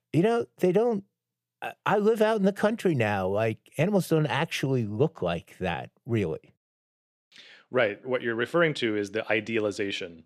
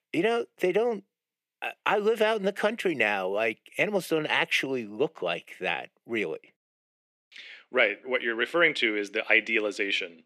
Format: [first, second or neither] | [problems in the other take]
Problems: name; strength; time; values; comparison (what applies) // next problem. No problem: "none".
first | thin; somewhat; fading below 250 Hz